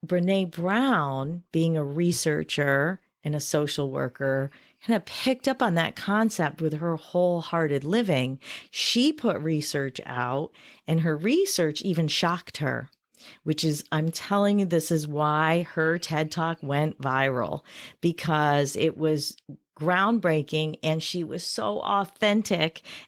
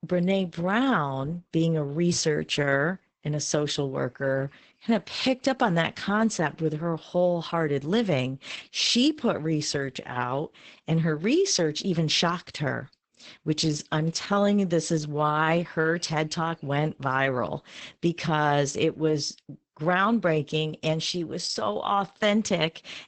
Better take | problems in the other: first | garbled, watery; badly; nothing above 8 kHz; slightly in the first

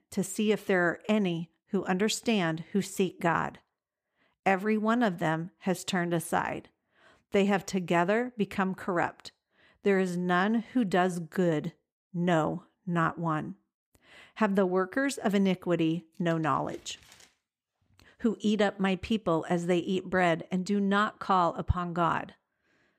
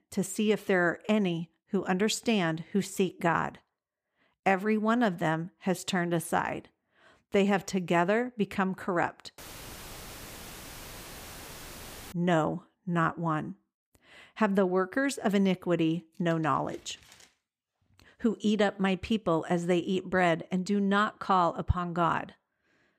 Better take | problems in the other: first | audio cutting out; filled with static; at 9.5 s for 2.5 s

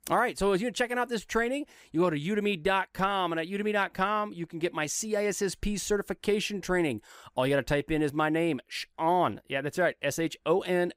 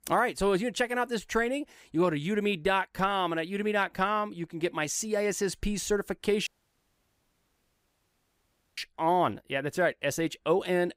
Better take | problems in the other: first | audio cutting out; at 6.5 s for 2.5 s

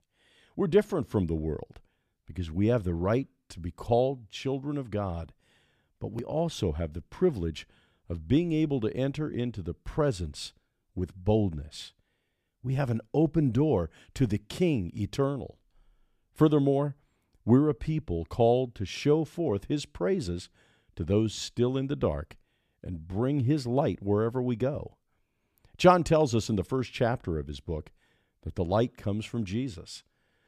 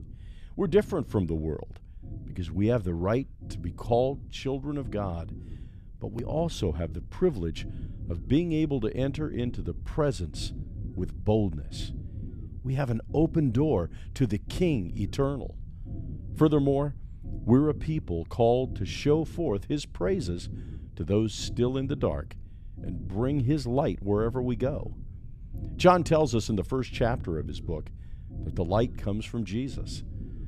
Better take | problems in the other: first | low rumble; faint; throughout; 20 dB below the speech

